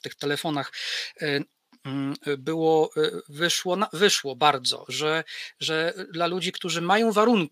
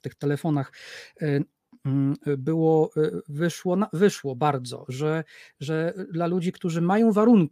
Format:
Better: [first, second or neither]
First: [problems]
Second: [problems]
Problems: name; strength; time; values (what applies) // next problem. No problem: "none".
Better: second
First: thin; somewhat; fading below 1 kHz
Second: none